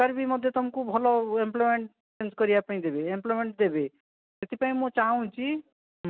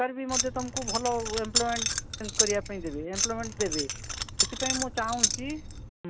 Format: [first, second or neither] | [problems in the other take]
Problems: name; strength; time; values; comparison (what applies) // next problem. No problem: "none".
first | background sound (Keys jangling); 2 dB above the speech